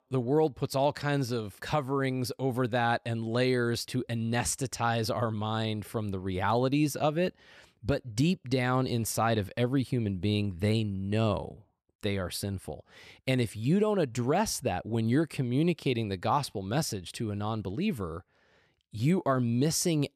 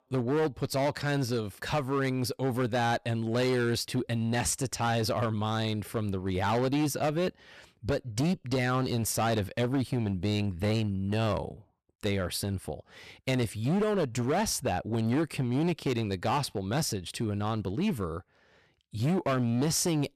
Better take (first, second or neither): first